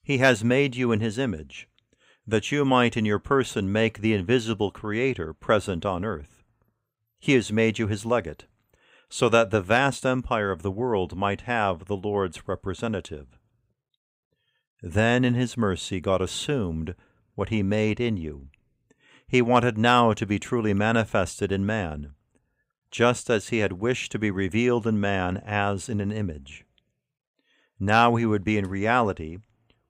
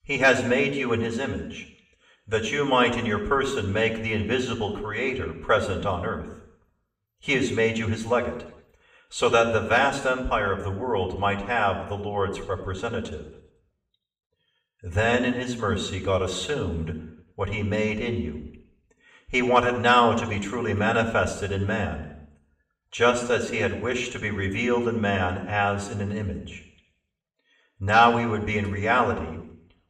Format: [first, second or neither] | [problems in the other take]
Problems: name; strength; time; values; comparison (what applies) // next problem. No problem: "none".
first | room echo; slight; dies away in 0.7 s // off-mic speech; far